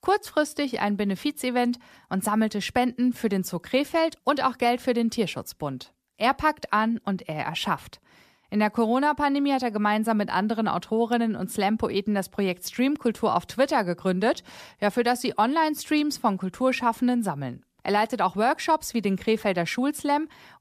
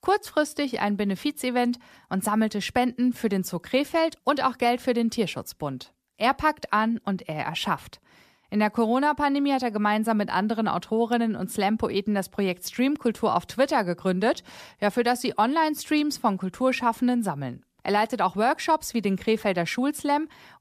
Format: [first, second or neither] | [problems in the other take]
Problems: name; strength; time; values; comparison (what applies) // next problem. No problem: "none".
neither | none